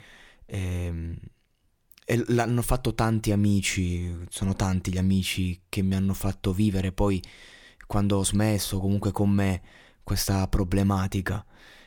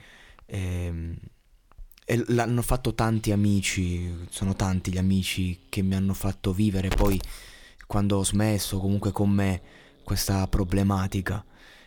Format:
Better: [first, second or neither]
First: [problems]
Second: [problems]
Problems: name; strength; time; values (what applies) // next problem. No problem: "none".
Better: first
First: none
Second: hiss; noticeable; throughout; 10 dB below the speech